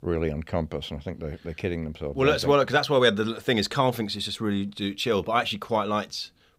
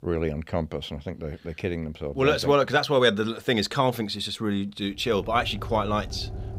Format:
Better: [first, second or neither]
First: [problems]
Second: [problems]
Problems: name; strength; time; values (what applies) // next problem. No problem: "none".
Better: first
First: none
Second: traffic noise; noticeable; from 5 s on; 10 dB below the speech